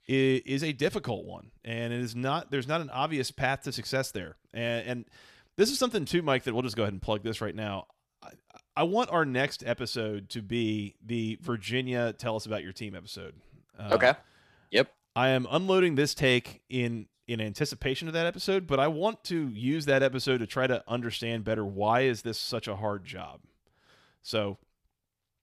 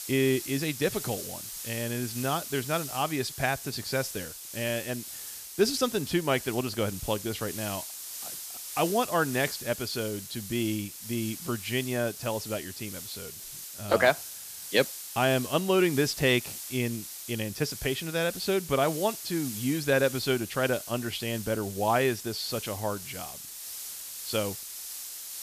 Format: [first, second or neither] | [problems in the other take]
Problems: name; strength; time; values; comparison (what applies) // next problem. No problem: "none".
first | hiss; loud; throughout; 8 dB below the speech